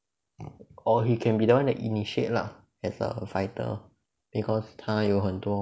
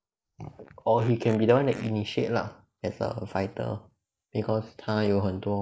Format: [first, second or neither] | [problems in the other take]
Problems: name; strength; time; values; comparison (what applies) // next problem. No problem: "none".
first | noise reduction (neural mask model Resemble Enhance denoiser)